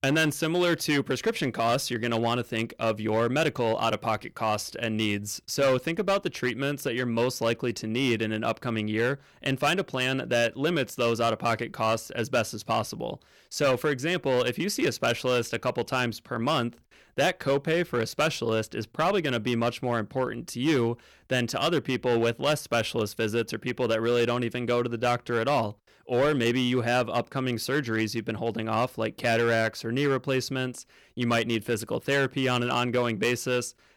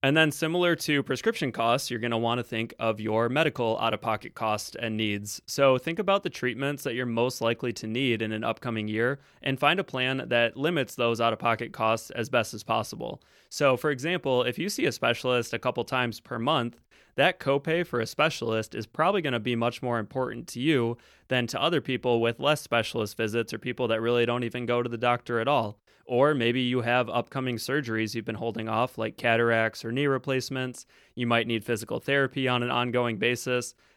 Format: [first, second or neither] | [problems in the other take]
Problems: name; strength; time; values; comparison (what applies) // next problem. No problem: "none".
second | distortion; slight; 6% of the sound clipped